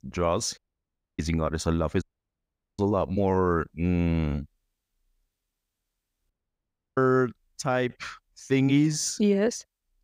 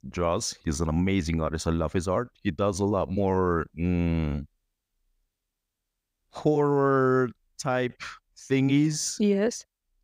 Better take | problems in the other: second | audio cutting out; at 0.5 s for 0.5 s, at 2 s for 1 s and at 6.5 s for 0.5 s

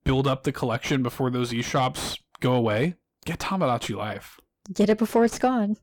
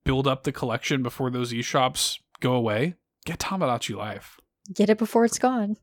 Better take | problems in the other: second | distortion; slight; 10 dB below the speech

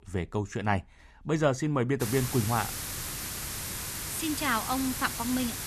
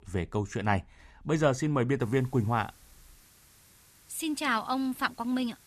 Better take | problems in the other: second | hiss; loud; from 2 s on; 4 dB below the speech; faint in the second

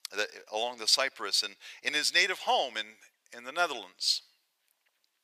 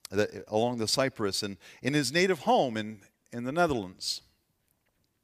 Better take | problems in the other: second | thin; very; fading below 750 Hz

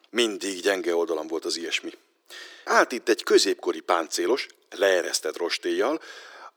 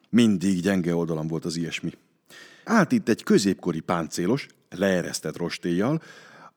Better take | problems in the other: second | thin; very; fading below 350 Hz

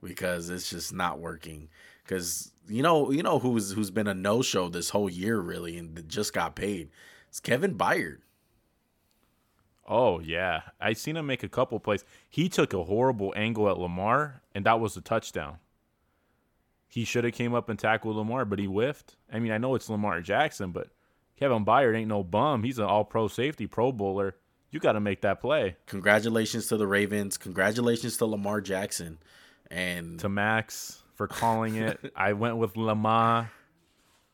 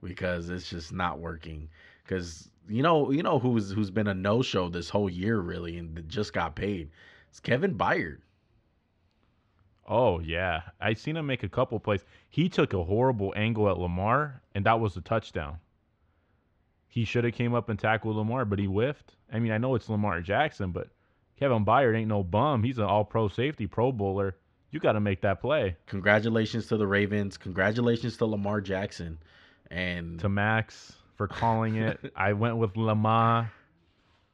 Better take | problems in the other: first | muffled; slightly; fading above 4 kHz

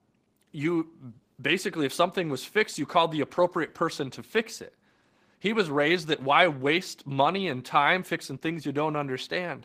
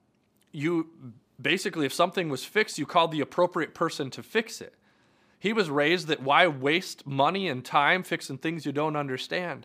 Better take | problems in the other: second | garbled, watery; slightly; nothing above 15 kHz

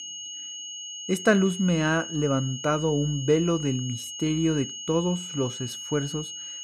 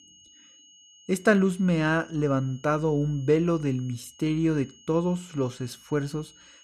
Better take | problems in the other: second | high-pitched whine; loud; throughout; 3 kHz, 9 dB below the speech; faint in the second

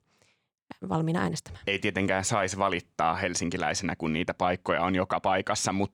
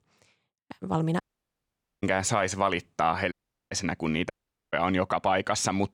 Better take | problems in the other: first | audio cutting out; at 1 s for 1 s, at 3.5 s and at 4.5 s

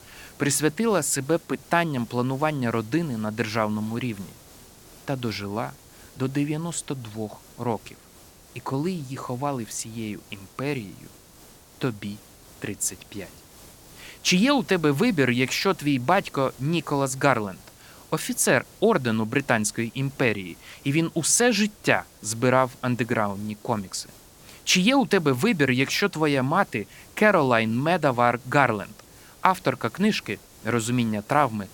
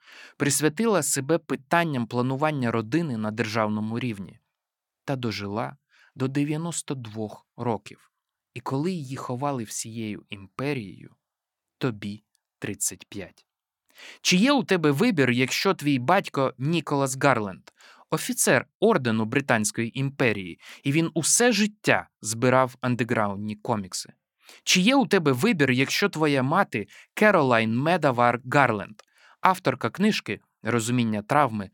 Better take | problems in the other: second | hiss; faint; throughout; 25 dB below the speech

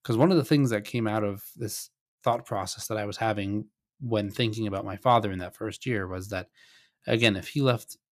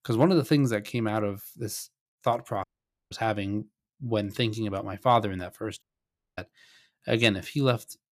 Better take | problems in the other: first | audio cutting out; at 2.5 s and at 6 s for 0.5 s

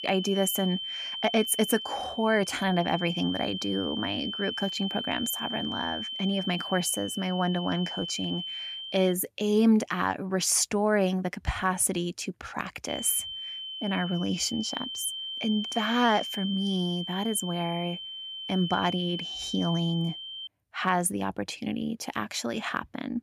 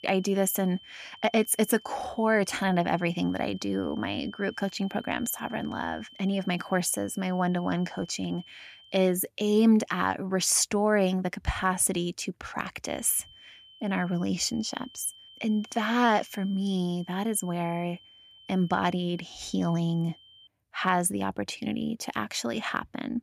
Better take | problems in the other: second | high-pitched whine; loud; until 9 s and from 13 to 20 s; 3 kHz, 6 dB below the speech; faint in the second

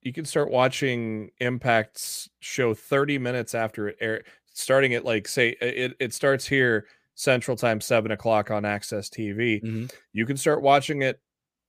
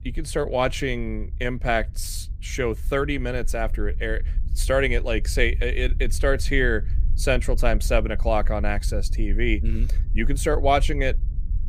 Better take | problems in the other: first | low rumble; faint; throughout; 25 dB below the speech

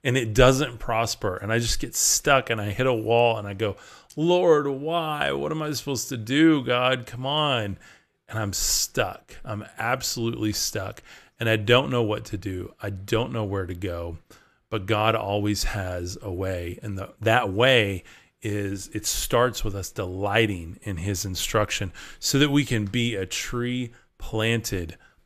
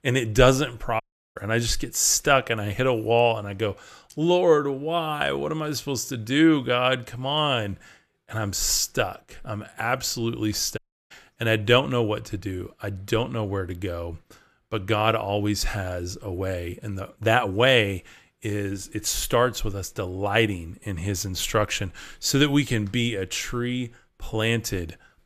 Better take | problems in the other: first | audio cutting out; at 1 s and at 11 s

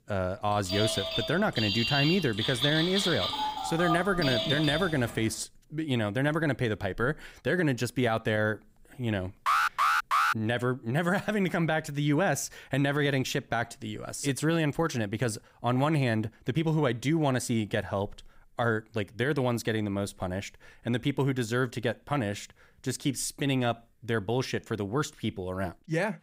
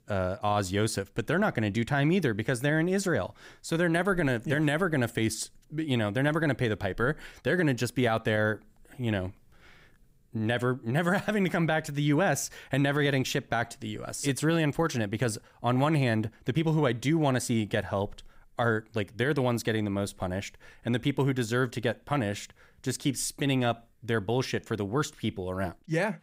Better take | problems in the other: second | phone ringing; loud; from 0.5 to 5 s; peak 2 dB above the speech // alarm; loud; at 9.5 s; peak 5 dB above the speech

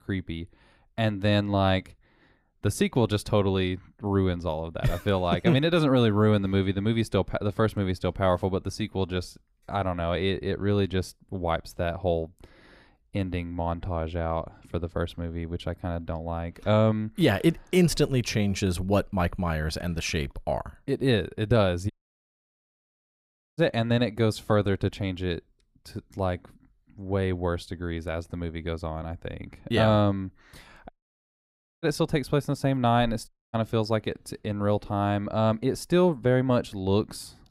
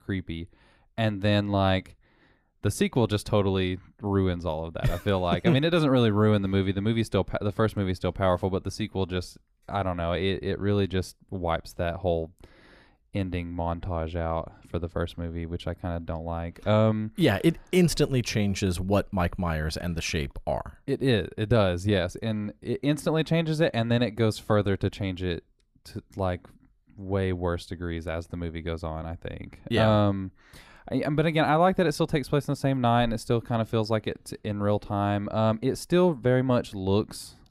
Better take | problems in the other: second | audio cutting out; at 22 s for 1.5 s, at 31 s for 1 s and at 33 s

